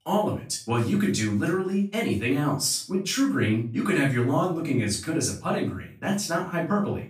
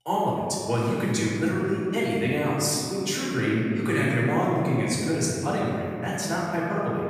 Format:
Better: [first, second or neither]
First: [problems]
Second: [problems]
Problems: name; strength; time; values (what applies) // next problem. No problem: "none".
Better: first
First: room echo; slight; dies away in 0.3 s // off-mic speech; far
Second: room echo; strong; dies away in 2.3 s // off-mic speech; far